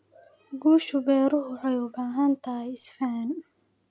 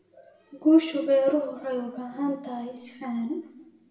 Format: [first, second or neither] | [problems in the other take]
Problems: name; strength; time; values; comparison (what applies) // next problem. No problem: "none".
first | room echo; dies away in 0.8 s